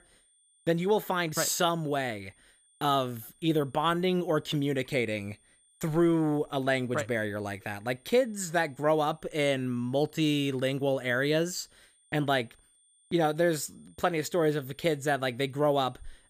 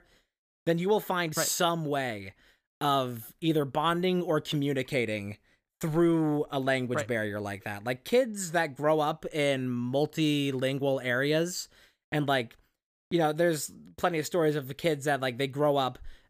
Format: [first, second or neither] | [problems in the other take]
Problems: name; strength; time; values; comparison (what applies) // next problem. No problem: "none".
second | high-pitched whine; faint; throughout; 9 kHz, 35 dB below the speech